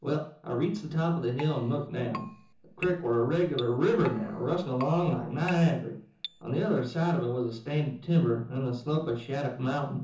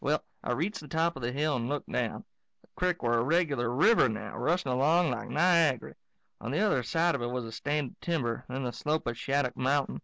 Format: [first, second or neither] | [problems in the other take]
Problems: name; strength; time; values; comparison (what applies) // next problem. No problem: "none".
second | background sound (Keyboard (musical)); 16 dB below the speech // room echo; dies away in 0.6 s